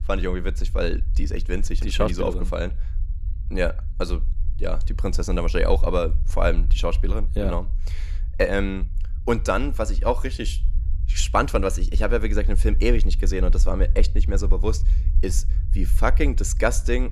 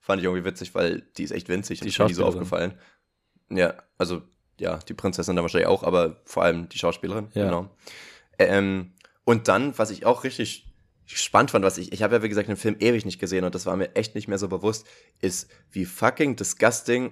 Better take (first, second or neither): second